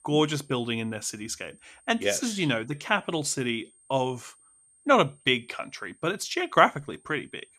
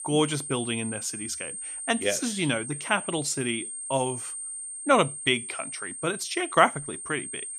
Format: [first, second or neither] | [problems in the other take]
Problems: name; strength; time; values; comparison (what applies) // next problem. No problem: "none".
first | high-pitched whine; loud; throughout; 8.5 kHz, 7 dB below the speech; faint in the first